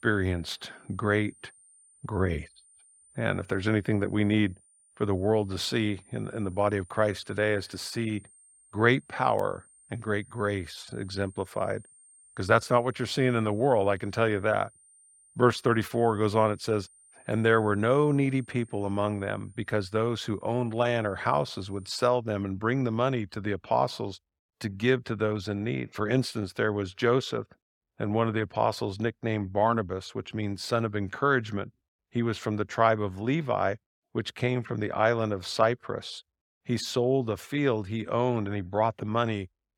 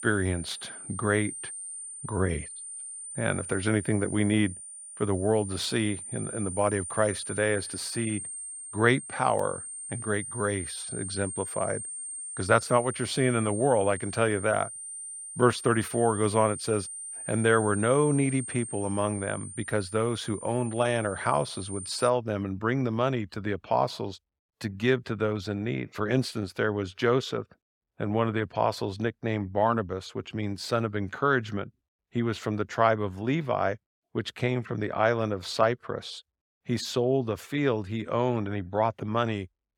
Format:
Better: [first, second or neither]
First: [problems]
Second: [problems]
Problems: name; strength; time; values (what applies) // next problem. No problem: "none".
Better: first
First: high-pitched whine; faint; until 22 s; 8.5 kHz, 30 dB below the speech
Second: high-pitched whine; loud; until 22 s; 8.5 kHz, 9 dB below the speech